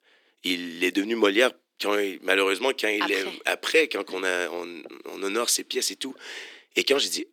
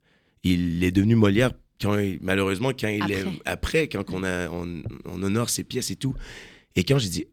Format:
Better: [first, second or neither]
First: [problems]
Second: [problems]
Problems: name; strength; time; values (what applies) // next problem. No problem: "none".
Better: second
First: thin; somewhat; fading below 300 Hz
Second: none